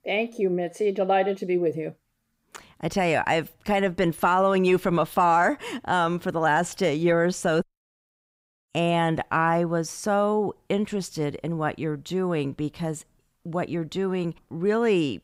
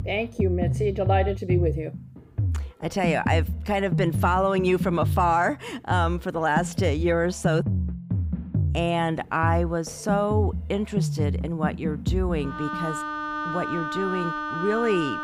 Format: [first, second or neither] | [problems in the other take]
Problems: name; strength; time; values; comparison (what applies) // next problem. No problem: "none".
first | background music; loud; throughout; 3 dB below the speech